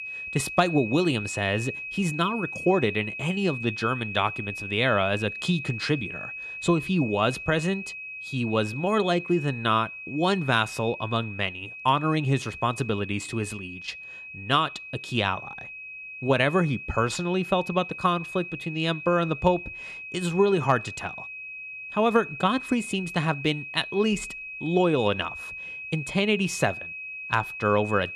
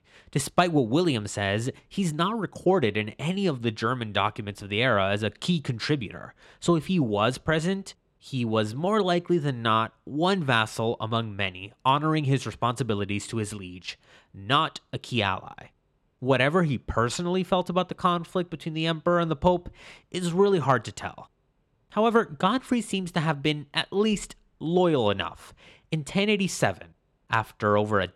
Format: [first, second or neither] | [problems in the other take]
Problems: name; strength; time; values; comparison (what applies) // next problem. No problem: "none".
second | high-pitched whine; loud; throughout; 2.5 kHz, 9 dB below the speech